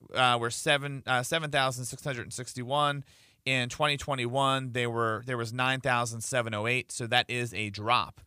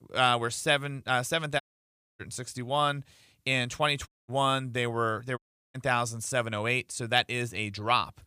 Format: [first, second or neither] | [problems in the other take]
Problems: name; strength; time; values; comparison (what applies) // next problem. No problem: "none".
first | audio cutting out; at 1.5 s for 0.5 s, at 4 s and at 5.5 s